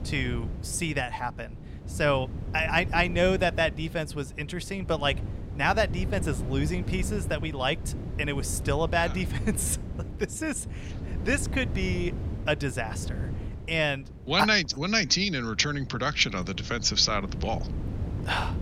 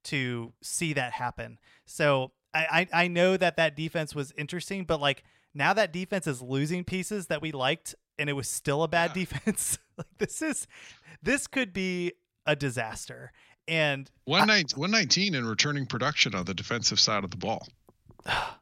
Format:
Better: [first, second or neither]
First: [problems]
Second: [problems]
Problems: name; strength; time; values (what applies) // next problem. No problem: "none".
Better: second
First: wind noise on the microphone; occasional gusts; 20 dB below the speech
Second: none